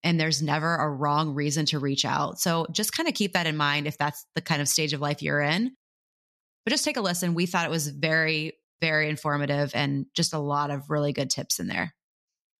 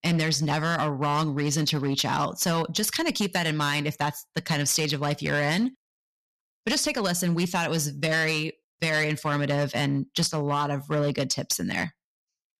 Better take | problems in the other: first | distortion; slight; 9% of the sound clipped

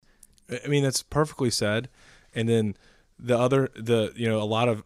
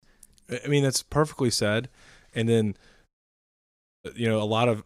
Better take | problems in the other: first | audio cutting out; at 3 s for 1 s

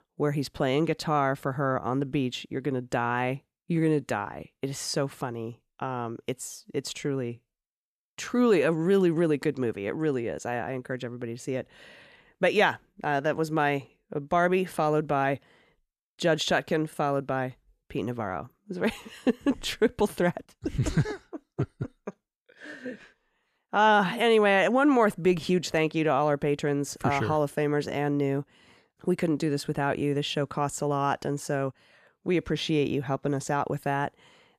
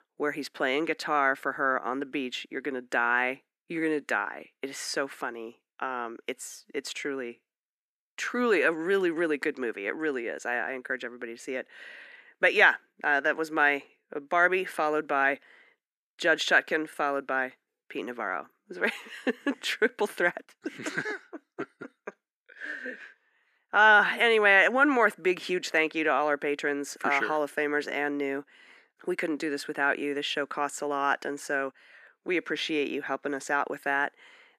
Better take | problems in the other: first | thin; somewhat; fading below 250 Hz

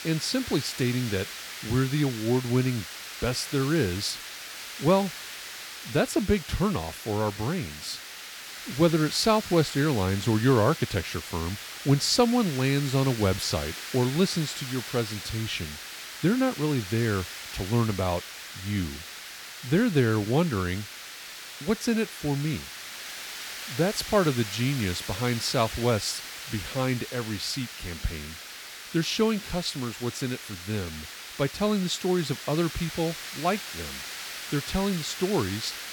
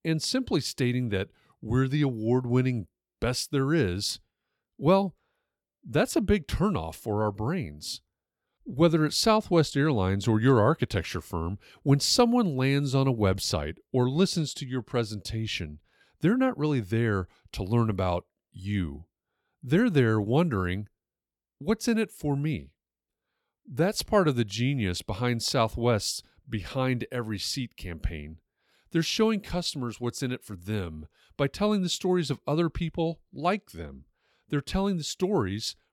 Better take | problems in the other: second | hiss; loud; throughout; 9 dB below the speech

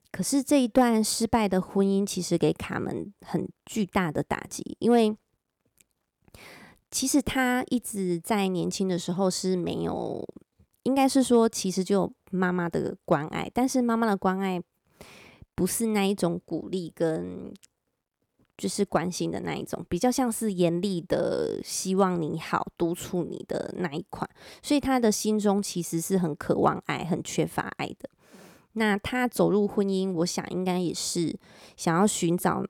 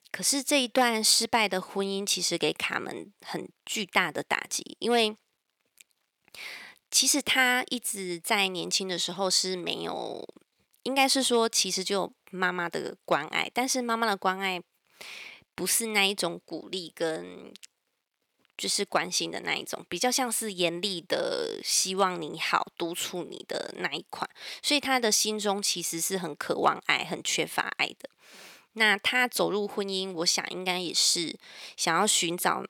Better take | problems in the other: first | thin; somewhat; fading below 1 kHz

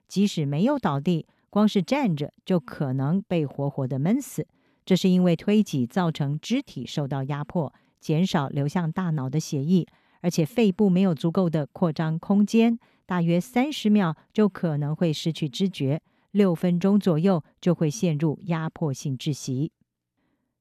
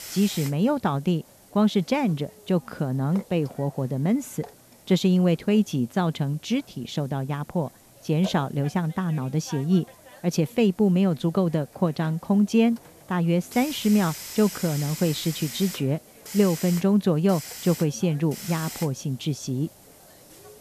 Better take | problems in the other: first | hiss; noticeable; throughout; 15 dB below the speech

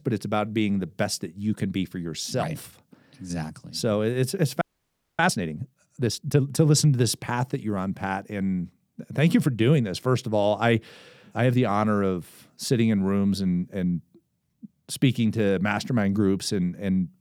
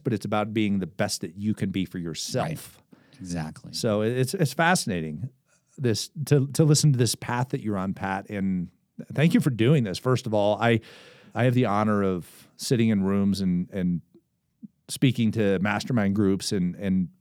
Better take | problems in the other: second | audio freezing; at 4.5 s for 0.5 s

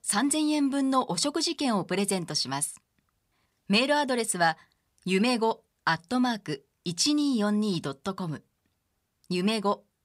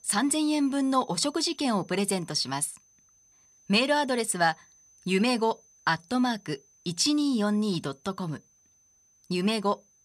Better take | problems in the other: first | high-pitched whine; faint; throughout; 6 kHz, 30 dB below the speech

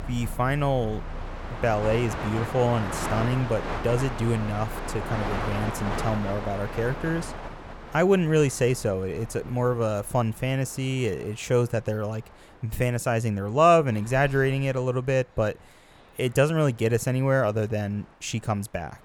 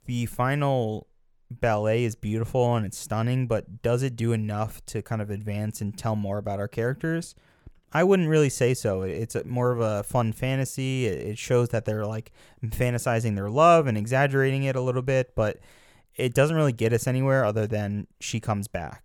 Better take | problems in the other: second | train or aircraft noise; loud; throughout; 9 dB below the speech

